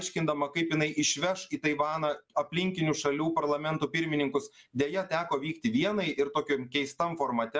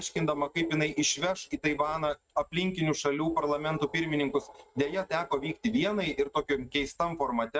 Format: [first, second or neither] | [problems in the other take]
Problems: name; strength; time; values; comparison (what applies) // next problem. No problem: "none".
first | noise reduction (neural mask model RNNoise)